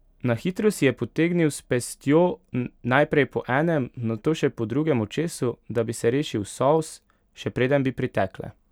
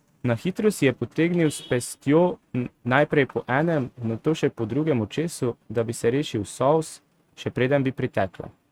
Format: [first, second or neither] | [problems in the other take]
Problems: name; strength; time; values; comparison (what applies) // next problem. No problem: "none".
first | noise reduction (neural mask model RNNoise)